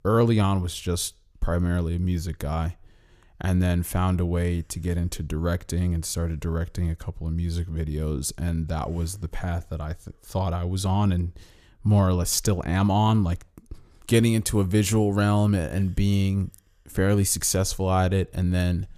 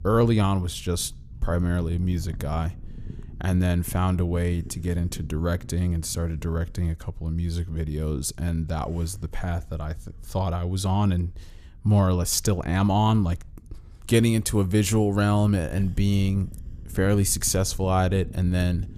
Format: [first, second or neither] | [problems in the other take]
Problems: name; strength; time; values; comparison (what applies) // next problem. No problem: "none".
first | low rumble; faint; throughout; 25 dB below the speech